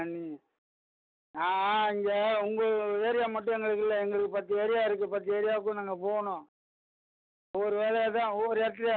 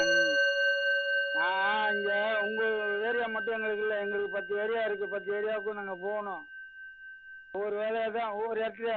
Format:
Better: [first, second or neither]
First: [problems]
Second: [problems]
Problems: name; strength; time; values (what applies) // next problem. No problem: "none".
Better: first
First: none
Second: background sound (Musical instrument); as loud as the speech